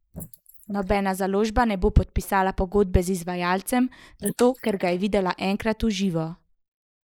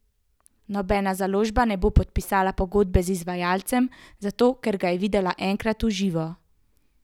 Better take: second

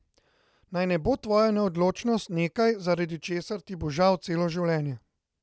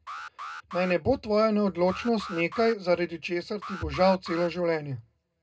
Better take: first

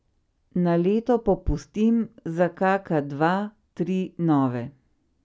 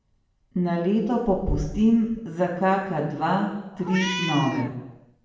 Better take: first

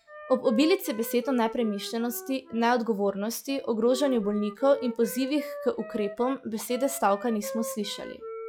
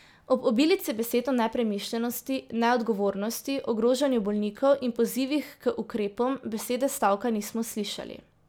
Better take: second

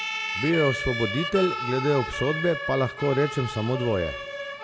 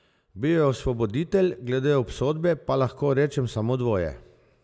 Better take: second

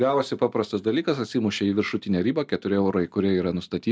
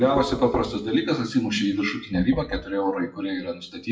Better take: first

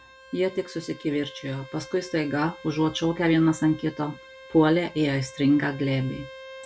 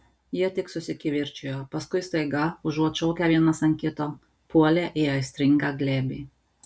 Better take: second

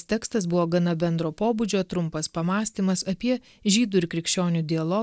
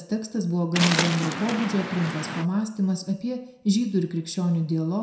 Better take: first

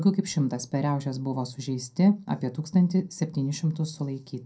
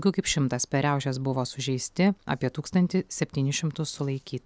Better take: second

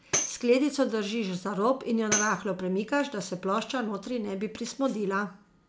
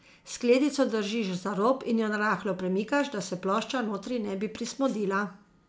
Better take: second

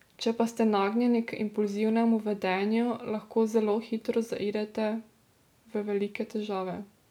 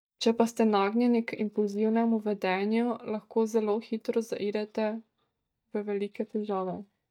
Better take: first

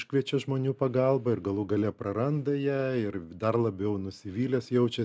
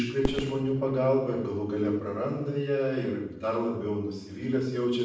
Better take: first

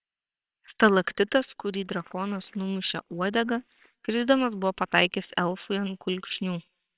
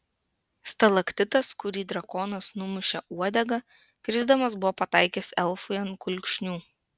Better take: second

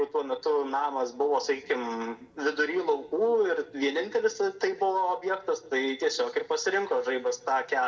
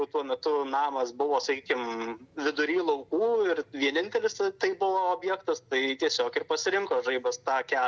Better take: second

